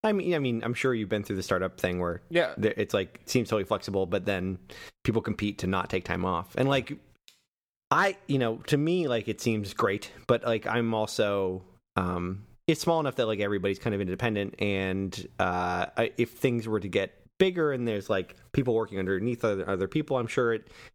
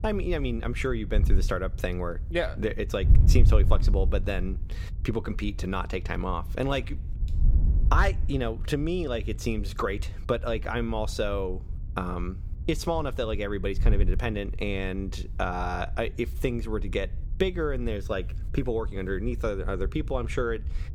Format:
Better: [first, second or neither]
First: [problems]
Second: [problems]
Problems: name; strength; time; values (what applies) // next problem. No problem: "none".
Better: first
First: none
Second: wind noise on the microphone; occasional gusts; 15 dB below the speech